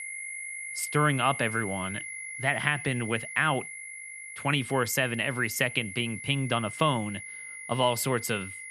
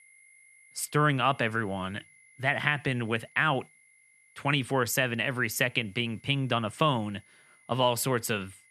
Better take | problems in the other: second | high-pitched whine; loud; throughout; 2 kHz, 9 dB below the speech; faint in the second

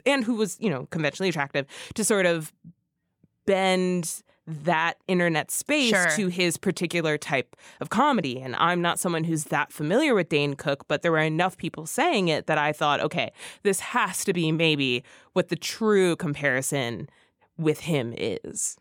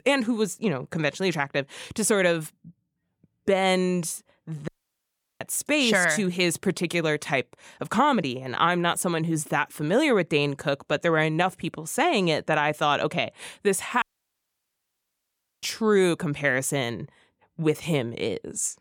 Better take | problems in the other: first | audio cutting out; at 4.5 s for 0.5 s and at 14 s for 1.5 s

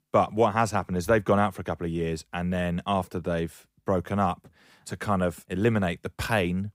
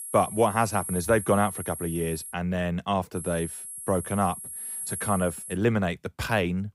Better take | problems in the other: first | high-pitched whine; loud; until 2.5 s and from 3 to 5.5 s; 11 kHz, 8 dB below the speech

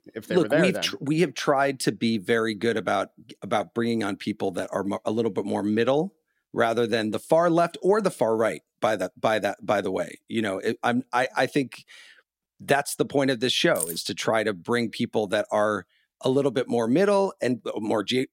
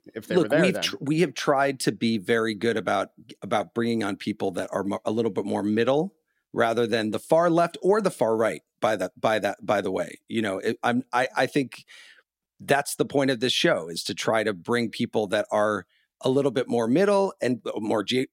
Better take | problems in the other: second | jangling keys; noticeable; at 14 s; peak 6 dB below the speech

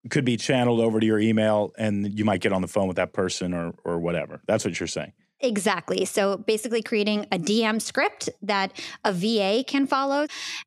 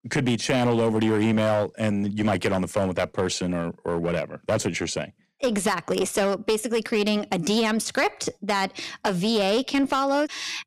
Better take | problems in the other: first | distortion; slight; 10% of the sound clipped

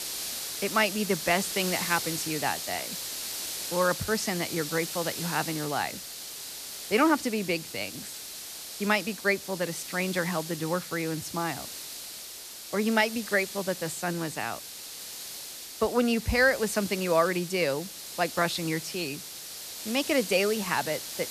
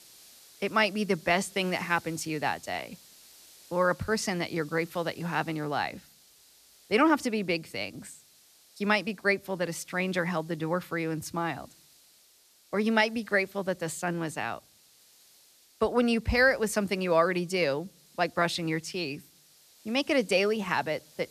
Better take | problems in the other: second | hiss; loud; throughout; 7 dB below the speech; faint in the second

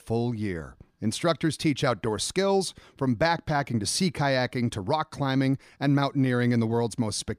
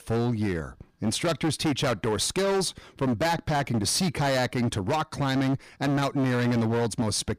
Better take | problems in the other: first | distortion; heavy; 21% of the sound clipped

